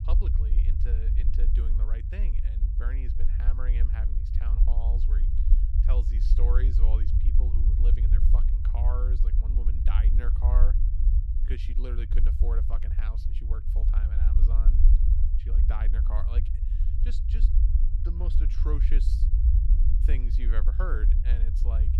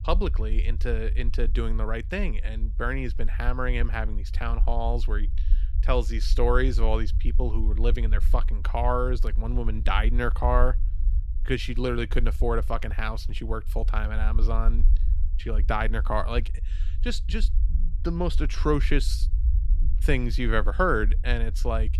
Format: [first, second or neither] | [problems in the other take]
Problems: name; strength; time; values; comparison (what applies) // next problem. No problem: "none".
second | low rumble; loud; throughout; 3 dB below the speech; faint in the second